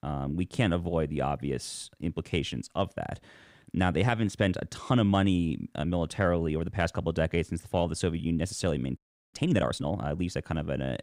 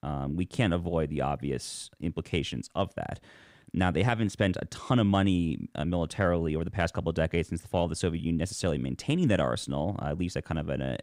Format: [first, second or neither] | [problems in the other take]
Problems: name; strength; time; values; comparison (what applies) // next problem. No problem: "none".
second | audio freezing; at 9 s